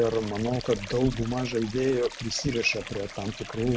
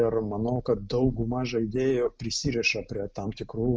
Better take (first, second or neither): second